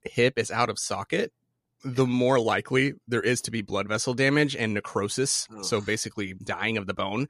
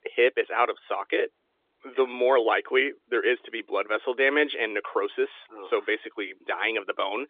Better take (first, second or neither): first